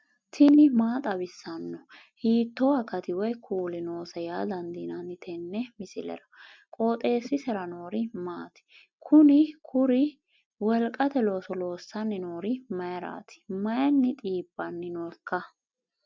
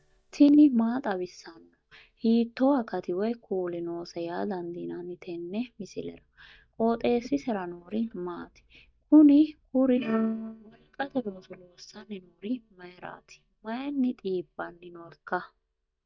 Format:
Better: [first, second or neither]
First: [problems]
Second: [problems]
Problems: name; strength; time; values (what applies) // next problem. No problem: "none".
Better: first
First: none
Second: noise reduction (neural mask model DeepFilterNet 3)